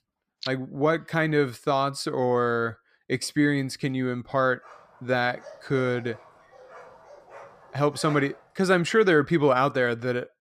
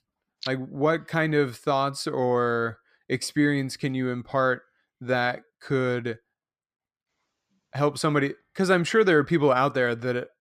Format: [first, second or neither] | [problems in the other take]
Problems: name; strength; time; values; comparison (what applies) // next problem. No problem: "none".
second | dog barking; faint; from 4.5 to 8.5 s; peak 15 dB below the speech